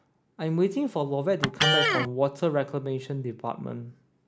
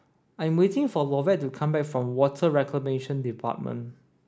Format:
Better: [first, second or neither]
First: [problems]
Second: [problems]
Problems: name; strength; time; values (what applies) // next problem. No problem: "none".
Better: second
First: background sound (Electric guitar); 1 dB below the speech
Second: none